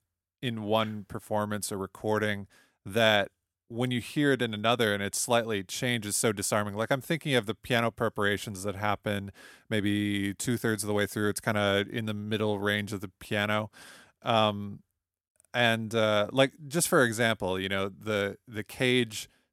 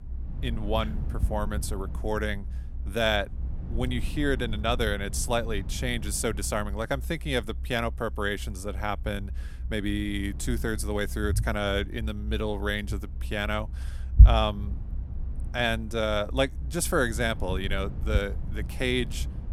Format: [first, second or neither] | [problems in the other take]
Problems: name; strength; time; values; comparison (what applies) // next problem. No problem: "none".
first | low rumble; noticeable; throughout; 20 dB below the speech